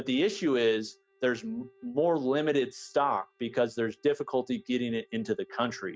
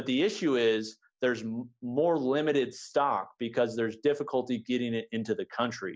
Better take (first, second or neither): second